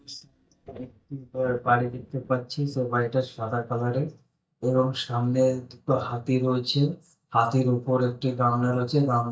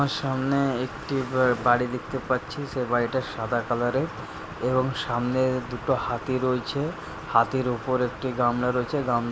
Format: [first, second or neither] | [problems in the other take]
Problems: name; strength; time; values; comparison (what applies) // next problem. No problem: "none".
second | noise reduction (neural mask model DeepFilterNet 3)